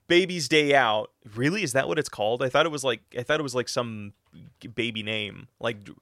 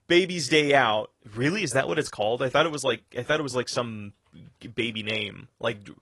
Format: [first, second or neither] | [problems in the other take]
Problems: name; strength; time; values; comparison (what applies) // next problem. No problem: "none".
first | garbled, watery; slightly